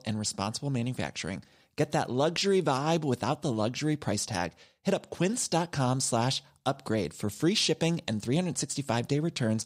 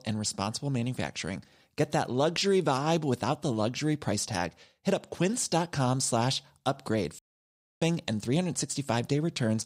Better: first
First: none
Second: audio cutting out; at 7 s for 0.5 s

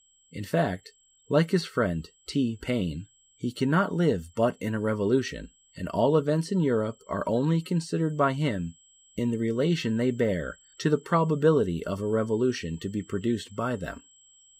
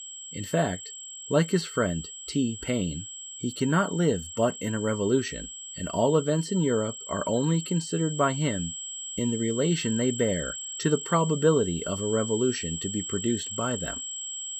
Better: first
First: high-pitched whine; faint; throughout; 7.5 kHz, 30 dB below the speech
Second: high-pitched whine; loud; throughout; 7.5 kHz, 8 dB below the speech

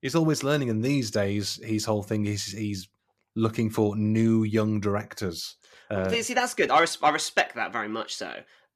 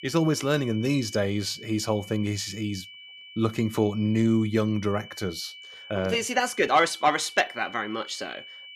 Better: first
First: none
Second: high-pitched whine; noticeable; throughout; 3 kHz, 15 dB below the speech

